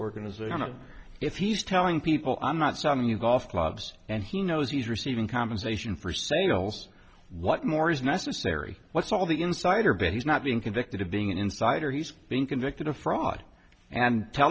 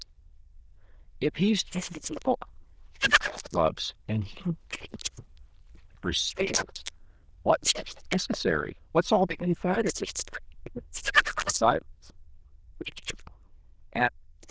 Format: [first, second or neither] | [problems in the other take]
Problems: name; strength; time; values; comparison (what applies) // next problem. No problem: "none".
first | noise reduction (neural diffusion model UNIVERSE++)